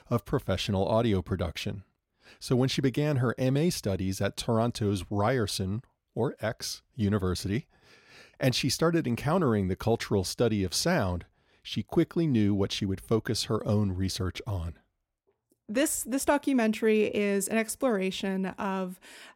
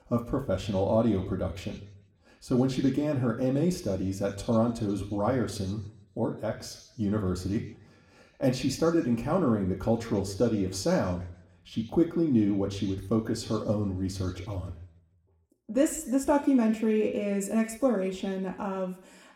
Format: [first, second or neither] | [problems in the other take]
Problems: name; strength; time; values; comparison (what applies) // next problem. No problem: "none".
first | room echo; slight; dies away in 0.7 s